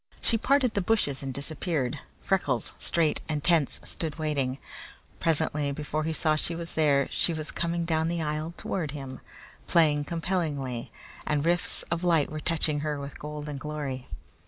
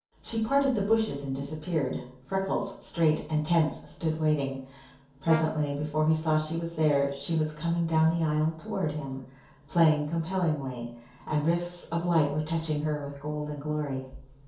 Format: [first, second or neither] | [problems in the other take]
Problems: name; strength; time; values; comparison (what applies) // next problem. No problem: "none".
first | background sound (Brass instrument); 14 dB below the speech // room echo; dies away in 0.6 s